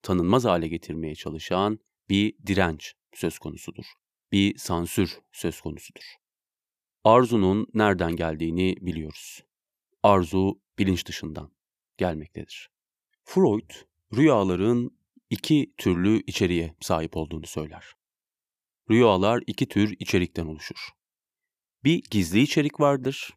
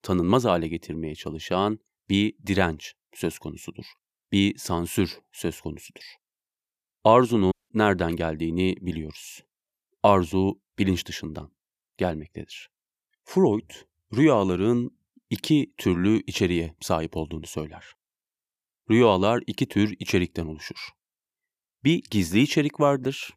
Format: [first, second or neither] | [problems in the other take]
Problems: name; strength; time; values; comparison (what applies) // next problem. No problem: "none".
first | audio cutting out; at 7.5 s